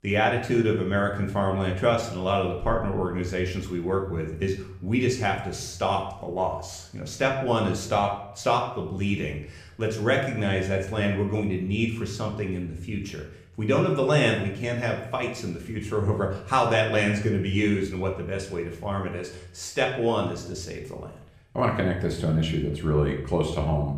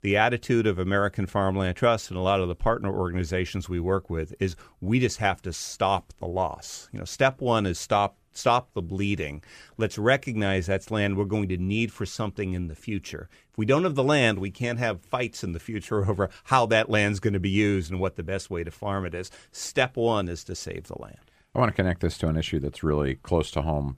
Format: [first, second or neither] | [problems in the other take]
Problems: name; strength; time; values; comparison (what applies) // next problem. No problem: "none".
second | room echo; slight; dies away in 0.6 s // off-mic speech; somewhat distant